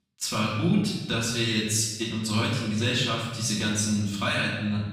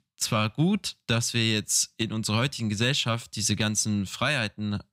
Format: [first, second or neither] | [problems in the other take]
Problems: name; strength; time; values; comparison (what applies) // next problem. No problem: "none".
second | off-mic speech; far // room echo; noticeable; dies away in 1 s